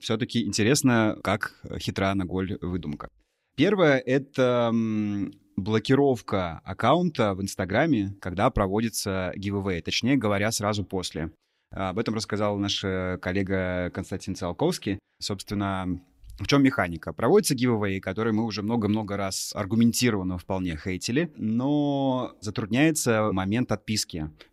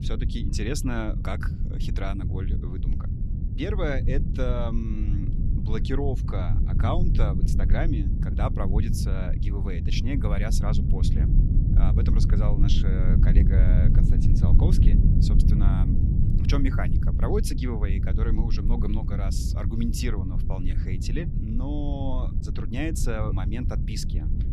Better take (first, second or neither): first